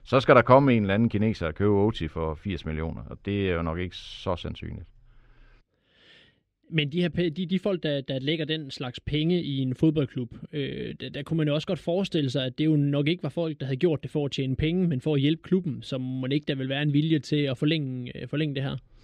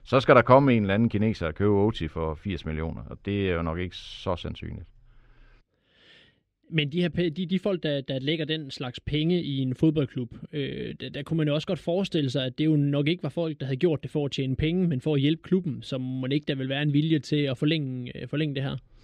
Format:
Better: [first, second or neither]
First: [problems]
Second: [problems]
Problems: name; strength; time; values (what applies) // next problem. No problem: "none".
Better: neither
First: muffled; slightly; fading above 3 kHz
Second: muffled; slightly; fading above 3 kHz